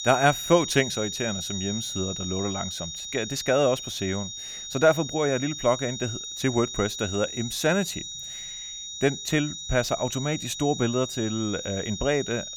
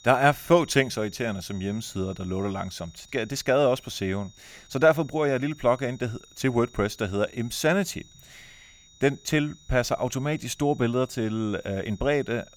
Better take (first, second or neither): second